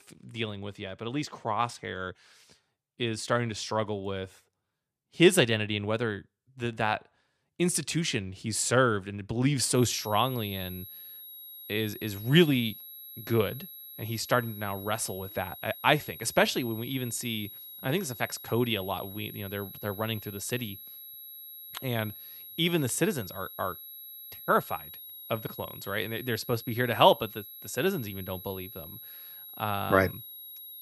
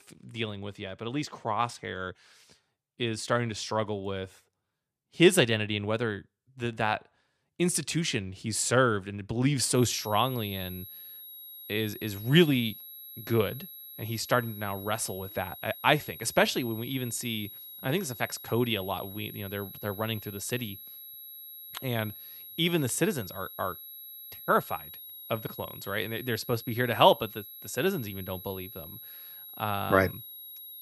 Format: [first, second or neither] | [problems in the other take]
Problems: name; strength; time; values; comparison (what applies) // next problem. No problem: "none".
neither | high-pitched whine; noticeable; from 10 s on; 11.5 kHz, 15 dB below the speech; the same in both